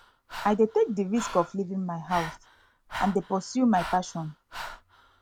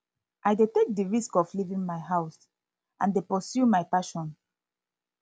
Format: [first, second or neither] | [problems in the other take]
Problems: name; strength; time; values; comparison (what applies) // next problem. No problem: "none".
second | background sound (Breathing); 13 dB below the speech